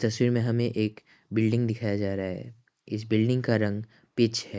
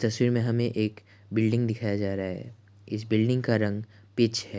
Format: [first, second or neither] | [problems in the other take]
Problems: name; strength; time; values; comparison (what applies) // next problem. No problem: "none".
second | noise reduction (neural mask model Resemble Enhance denoiser)